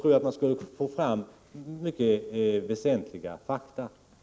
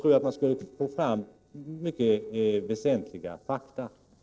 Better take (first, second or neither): first